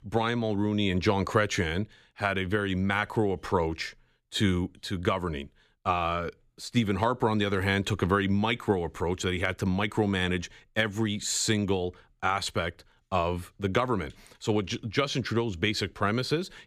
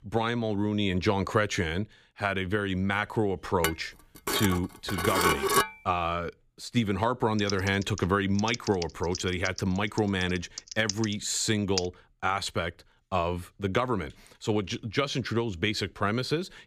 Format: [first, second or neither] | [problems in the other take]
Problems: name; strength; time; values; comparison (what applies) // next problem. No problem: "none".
first | clattering dishes; loud; from 3.5 to 5.5 s; peak 5 dB above the speech // keyboard typing; noticeable; from 7.5 to 12 s; peak 5 dB below the speech